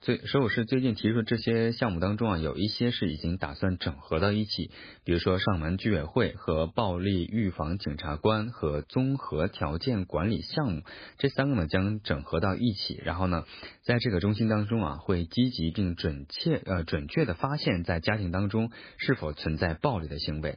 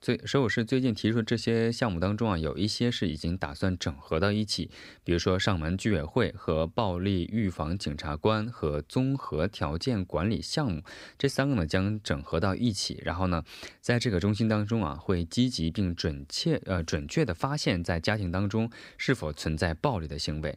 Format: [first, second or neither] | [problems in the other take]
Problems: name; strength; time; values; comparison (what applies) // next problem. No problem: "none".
second | garbled, watery; badly; nothing above 5 kHz